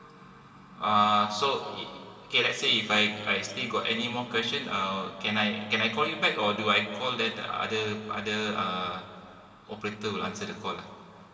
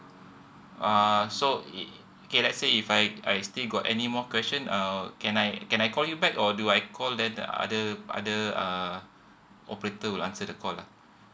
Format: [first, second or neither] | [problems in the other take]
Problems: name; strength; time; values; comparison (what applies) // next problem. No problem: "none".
second | room echo; dies away in 2.5 s